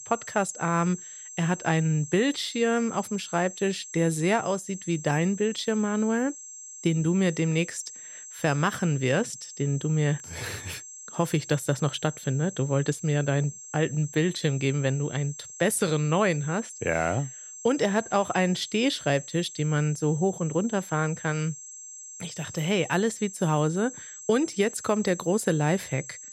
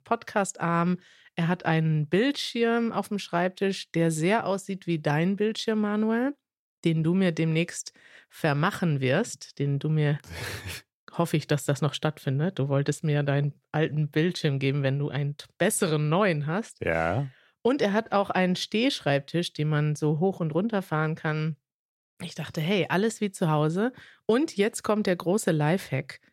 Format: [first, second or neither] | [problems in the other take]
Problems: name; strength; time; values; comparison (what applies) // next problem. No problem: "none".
second | high-pitched whine; noticeable; throughout; 7.5 kHz, 15 dB below the speech